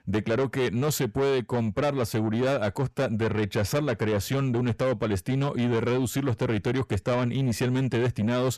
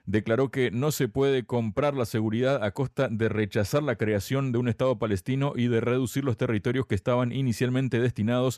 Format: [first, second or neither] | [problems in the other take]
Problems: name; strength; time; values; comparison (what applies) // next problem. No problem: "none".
second | distortion; slight; 10 dB below the speech